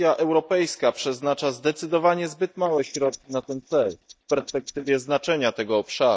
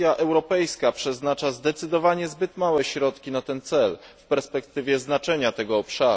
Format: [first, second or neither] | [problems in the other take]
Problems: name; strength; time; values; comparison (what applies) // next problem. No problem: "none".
second | noise reduction (neural mask model DeepFilterNet 3)